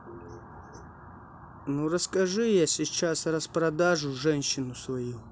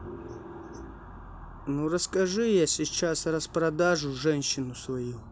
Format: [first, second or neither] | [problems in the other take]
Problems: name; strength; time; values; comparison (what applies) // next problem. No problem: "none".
first | background sound (Vehicle); 19 dB below the speech